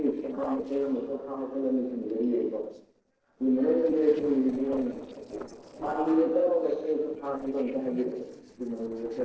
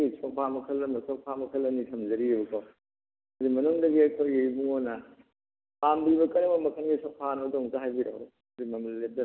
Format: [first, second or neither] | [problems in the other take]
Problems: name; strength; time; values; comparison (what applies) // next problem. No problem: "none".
second | noise reduction (neural separator model SepFormer DNS4)